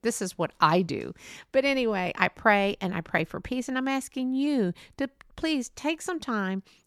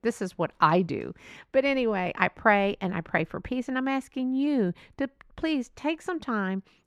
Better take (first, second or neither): first